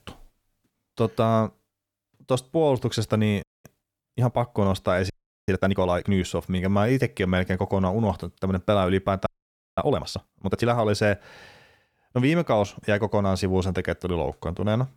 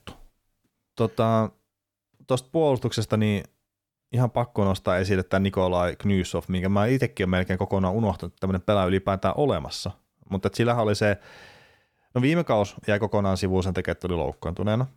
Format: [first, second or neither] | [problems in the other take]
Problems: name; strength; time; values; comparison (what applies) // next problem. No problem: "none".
second | audio freezing; at 3.5 s, at 5 s and at 9.5 s for 0.5 s